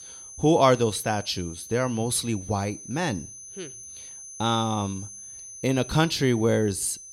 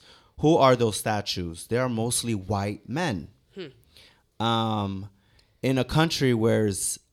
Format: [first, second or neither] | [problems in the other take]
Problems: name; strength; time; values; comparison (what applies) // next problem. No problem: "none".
second | high-pitched whine; noticeable; throughout; 6 kHz, 15 dB below the speech